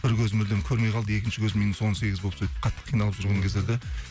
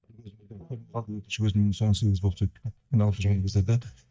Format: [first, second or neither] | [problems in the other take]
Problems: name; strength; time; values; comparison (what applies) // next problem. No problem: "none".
first | noise reduction (neural mask model DeepFilterNet 3)